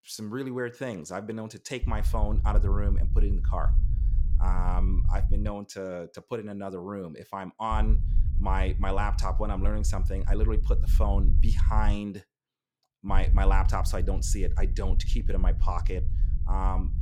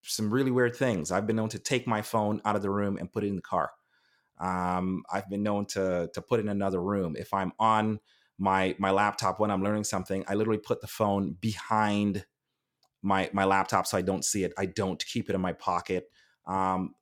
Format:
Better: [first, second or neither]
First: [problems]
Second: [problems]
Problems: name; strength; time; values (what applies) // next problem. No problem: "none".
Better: second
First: low rumble; noticeable; from 2 to 5.5 s, from 7.5 to 12 s and from 13 s on; 15 dB below the speech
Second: none